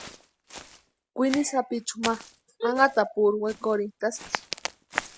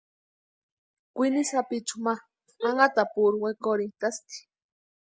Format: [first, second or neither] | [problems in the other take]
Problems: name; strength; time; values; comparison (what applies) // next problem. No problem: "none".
second | background sound (Walk, footsteps); 11 dB below the speech